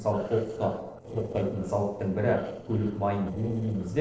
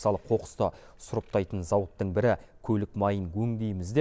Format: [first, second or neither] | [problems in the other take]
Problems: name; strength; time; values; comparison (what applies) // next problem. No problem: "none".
second | noise reduction (neural separator model SepFormer DNS4)